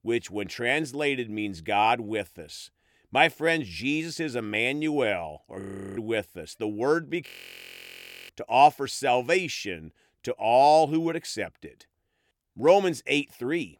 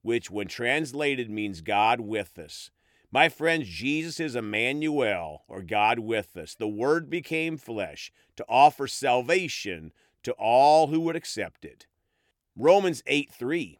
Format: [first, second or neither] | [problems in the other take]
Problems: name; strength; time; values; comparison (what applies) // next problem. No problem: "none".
second | audio freezing; at 5.5 s and at 7.5 s for 1 s